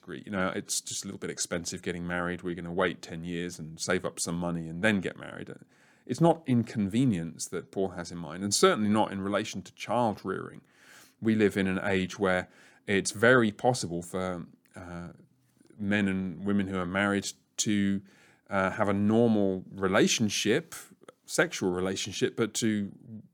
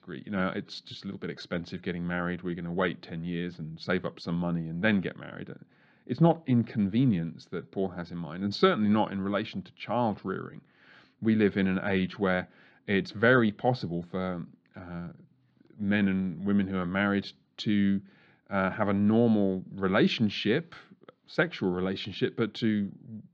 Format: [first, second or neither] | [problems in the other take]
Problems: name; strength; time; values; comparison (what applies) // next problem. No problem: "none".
first | muffled; slightly; fading above 4 kHz